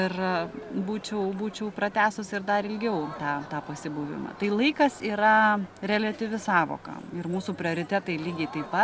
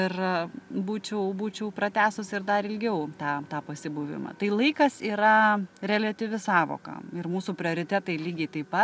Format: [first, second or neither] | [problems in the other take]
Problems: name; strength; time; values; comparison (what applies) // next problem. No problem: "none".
second | background sound (Crowd + Crowd); 17 dB below the speech